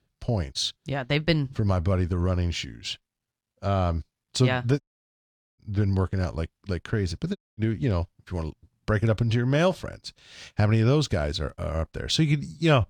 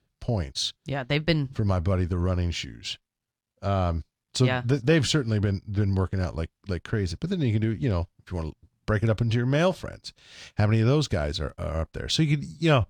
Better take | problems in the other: second | audio cutting out; at 5 s for 1 s and at 7.5 s

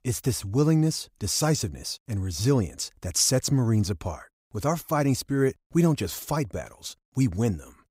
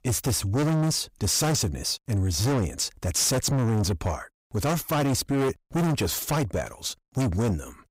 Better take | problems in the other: first | distortion; heavy; 5 dB below the speech

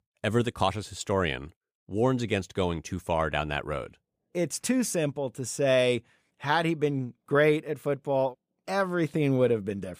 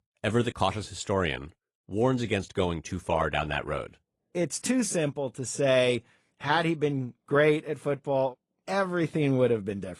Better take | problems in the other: first | garbled, watery; slightly

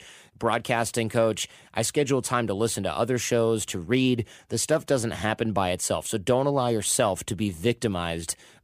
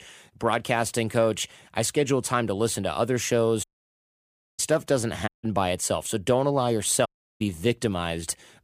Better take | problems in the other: first | audio cutting out; at 3.5 s for 1 s, at 5.5 s and at 7 s

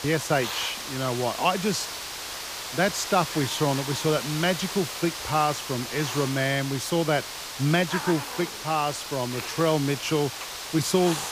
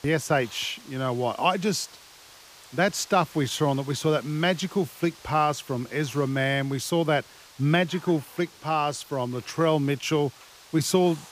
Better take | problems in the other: second | hiss; loud; throughout; 6 dB below the speech; faint in the second

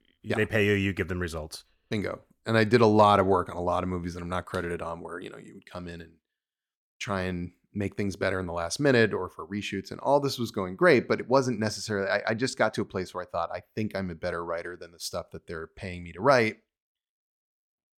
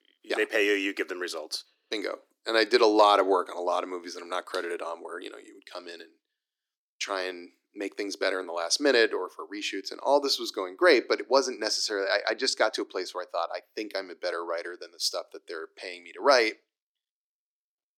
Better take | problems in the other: first | thin; somewhat; fading below 300 Hz

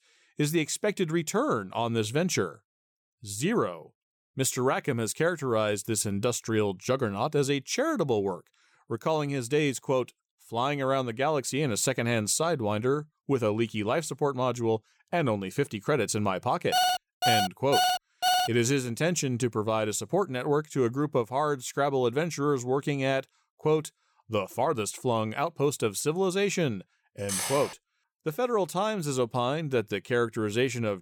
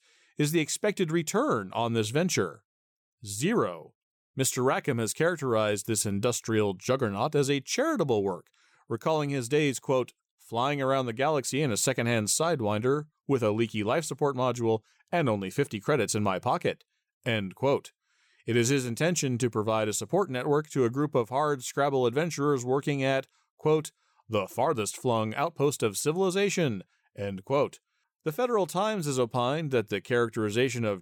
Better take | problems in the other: second | alarm; loud; from 17 to 18 s; peak 3 dB above the speech // clattering dishes; noticeable; at 27 s; peak 2 dB below the speech

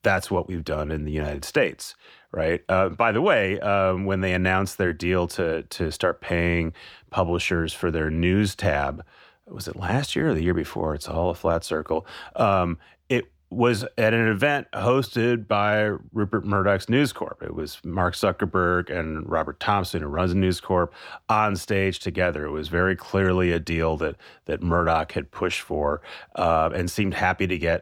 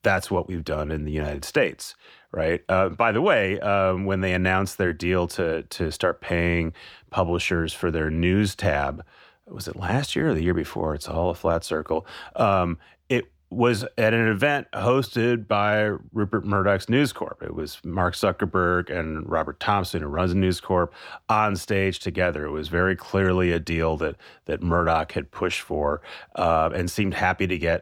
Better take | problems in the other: neither | none

